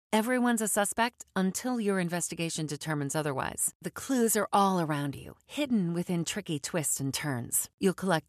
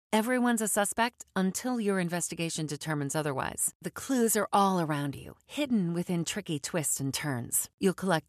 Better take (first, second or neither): neither